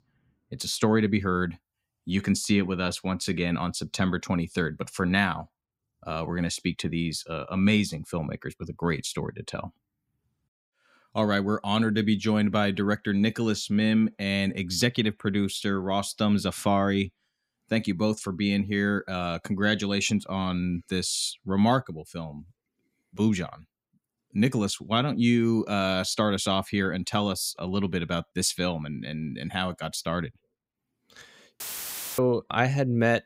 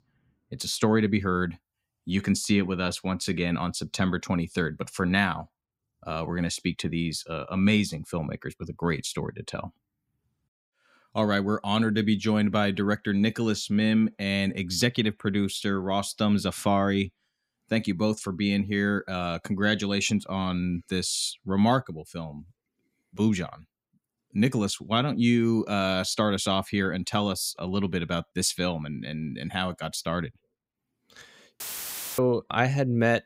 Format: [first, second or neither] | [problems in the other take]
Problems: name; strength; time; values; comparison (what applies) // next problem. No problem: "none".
neither | audio cutting out; filled with static; at 32 s for 0.5 s; the same in both